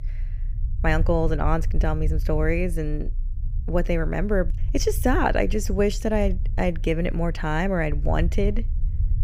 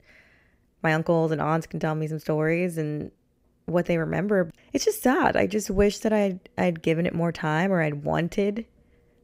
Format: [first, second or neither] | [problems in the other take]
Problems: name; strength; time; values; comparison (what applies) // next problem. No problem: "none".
second | low rumble; faint; throughout; 20 dB below the speech